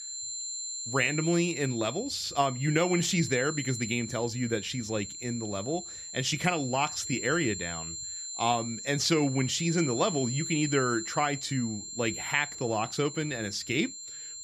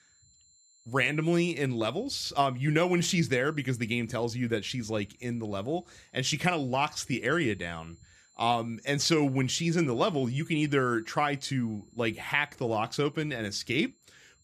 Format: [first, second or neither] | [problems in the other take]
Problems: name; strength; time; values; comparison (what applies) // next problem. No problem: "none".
second | high-pitched whine; loud; throughout; 7.5 kHz, 7 dB below the speech; faint in the second